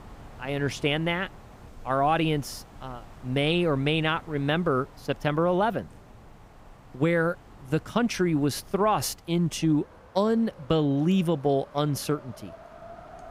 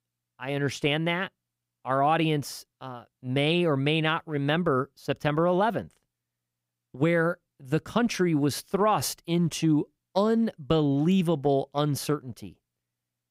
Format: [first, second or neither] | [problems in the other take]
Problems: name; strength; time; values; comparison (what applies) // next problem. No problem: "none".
second | wind in the background; faint; throughout; 25 dB below the speech